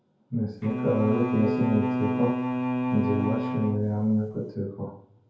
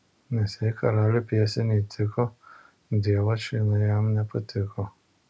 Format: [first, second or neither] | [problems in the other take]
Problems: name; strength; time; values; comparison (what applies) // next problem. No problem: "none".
second | background sound (Bowed string instrument); 1 dB below the speech // room echo; dies away in 0.6 s